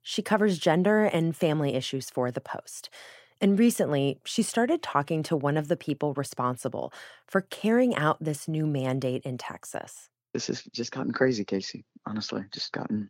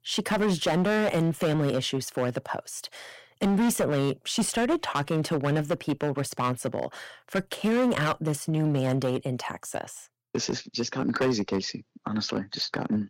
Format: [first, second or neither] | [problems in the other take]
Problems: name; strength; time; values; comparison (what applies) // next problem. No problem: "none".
first | distortion; heavy; 9% of the sound clipped